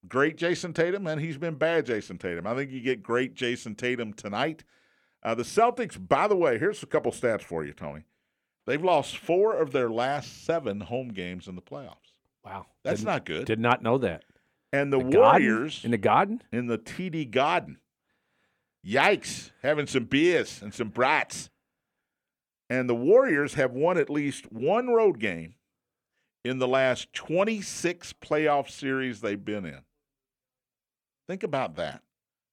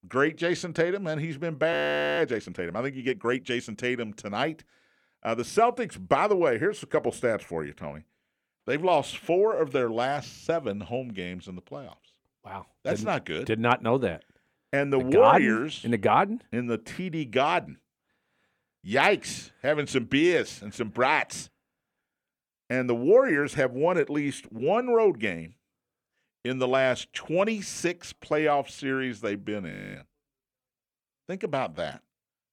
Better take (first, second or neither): first